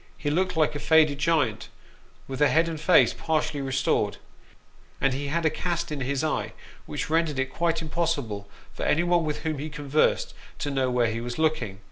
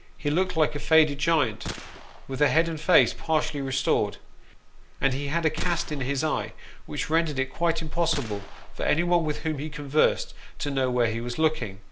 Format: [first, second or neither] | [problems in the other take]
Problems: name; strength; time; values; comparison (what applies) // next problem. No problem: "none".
first | background sound (Gunshot, gunfire); 15 dB below the speech